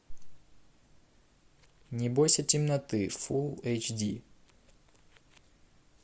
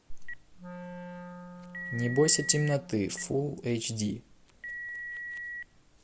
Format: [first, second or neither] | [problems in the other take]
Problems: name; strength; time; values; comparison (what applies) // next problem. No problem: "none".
first | background sound (Wind instrument, woodwind instrument + Telephone); 10 dB below the speech